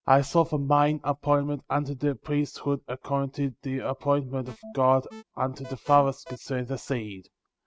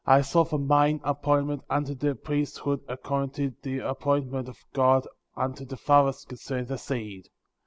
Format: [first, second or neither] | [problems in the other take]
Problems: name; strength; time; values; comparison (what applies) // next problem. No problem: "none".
second | noise reduction (neural mask model RNNoise)